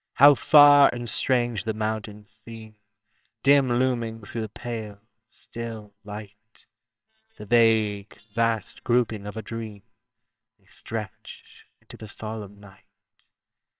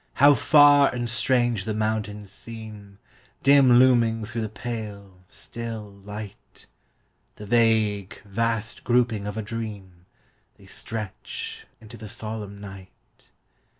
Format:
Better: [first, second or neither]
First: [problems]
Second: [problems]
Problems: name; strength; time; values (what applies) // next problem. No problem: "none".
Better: second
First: noise reduction (neural separator model SepFormer WHAMR!)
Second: none